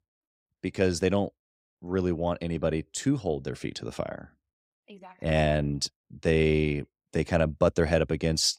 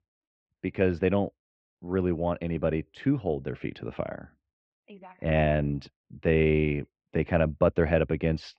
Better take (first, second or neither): first